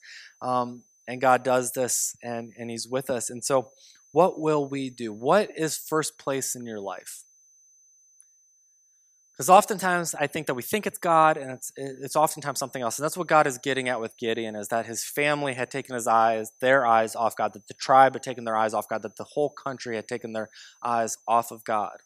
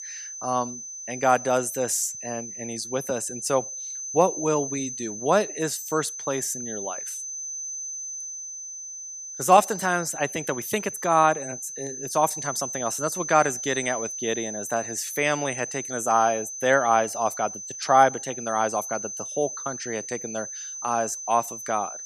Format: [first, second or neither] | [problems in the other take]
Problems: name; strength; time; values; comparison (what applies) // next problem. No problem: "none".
first | high-pitched whine; loud; throughout; 6 kHz, 7 dB below the speech; faint in the first